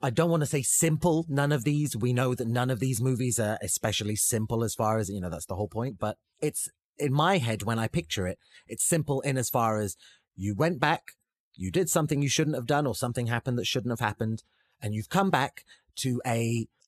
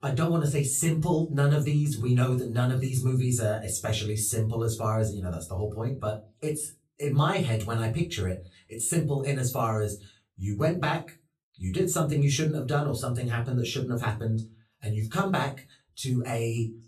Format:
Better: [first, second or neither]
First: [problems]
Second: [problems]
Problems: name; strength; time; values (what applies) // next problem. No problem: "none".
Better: first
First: none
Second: off-mic speech; far // room echo; very slight; dies away in 0.2 s